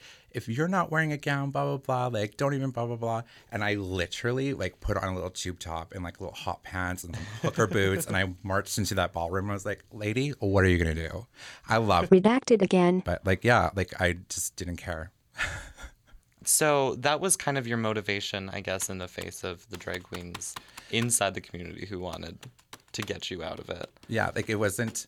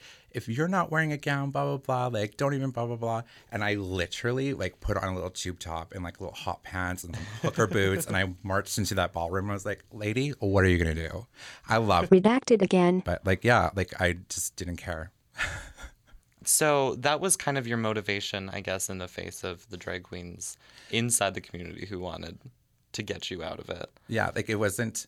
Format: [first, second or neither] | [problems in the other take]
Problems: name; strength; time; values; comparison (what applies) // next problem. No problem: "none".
second | keyboard typing; faint; from 19 s on; peak 15 dB below the speech